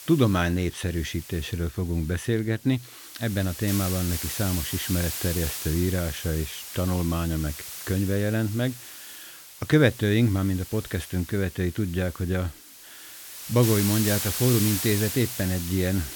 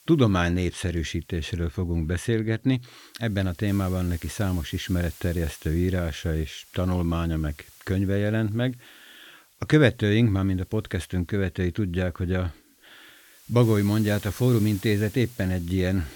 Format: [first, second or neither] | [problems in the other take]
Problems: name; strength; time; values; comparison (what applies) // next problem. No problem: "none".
second | hiss; loud; throughout; 6 dB below the speech; faint in the second